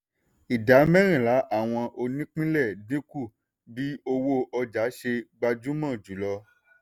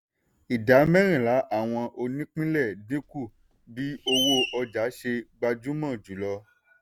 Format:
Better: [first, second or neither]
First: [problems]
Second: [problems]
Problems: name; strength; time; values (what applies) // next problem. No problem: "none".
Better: first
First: none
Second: background sound (Screech); 7 dB below the speech